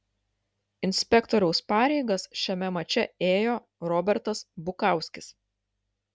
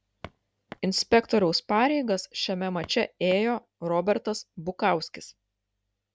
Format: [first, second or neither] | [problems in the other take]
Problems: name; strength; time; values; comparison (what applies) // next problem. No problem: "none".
first | background sound (Walk, footsteps); 18 dB below the speech